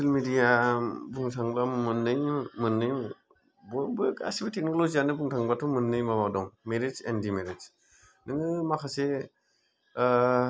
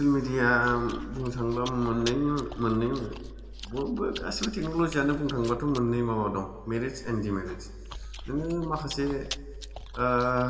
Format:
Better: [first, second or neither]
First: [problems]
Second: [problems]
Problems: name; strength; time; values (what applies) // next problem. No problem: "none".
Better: first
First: none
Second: background sound (Chewing, mastication); 12 dB below the speech // room echo; dies away in 1.6 s